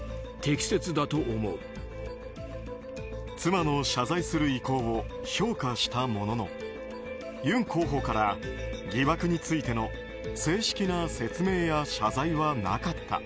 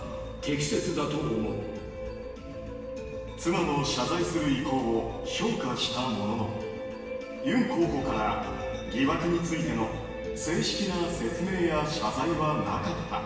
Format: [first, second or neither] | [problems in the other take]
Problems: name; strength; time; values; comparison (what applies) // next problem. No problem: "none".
first | room echo; dies away in 1.3 s